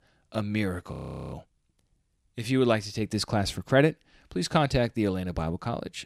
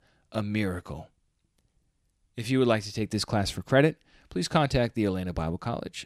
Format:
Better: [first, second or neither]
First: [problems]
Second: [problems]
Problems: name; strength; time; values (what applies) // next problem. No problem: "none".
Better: second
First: audio freezing; at 1 s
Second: none